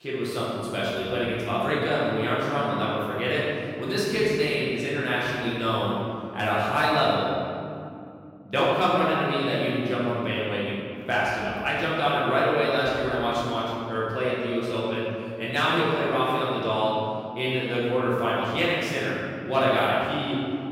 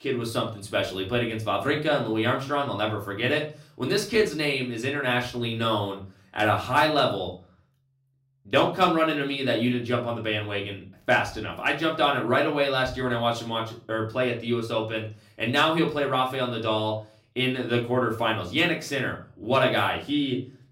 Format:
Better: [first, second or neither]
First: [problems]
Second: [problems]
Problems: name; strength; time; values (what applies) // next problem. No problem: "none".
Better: second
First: room echo; strong; dies away in 2.5 s // off-mic speech; far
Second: room echo; slight; dies away in 0.3 s // off-mic speech; far